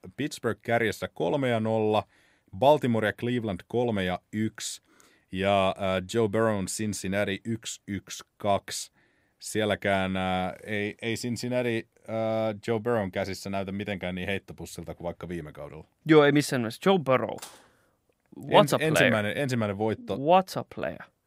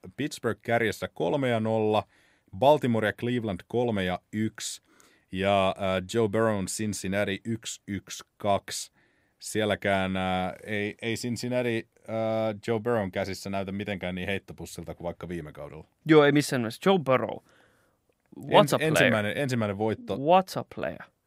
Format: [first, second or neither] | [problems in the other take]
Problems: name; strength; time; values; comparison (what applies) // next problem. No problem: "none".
second | clattering dishes; faint; at 17 s; peak 20 dB below the speech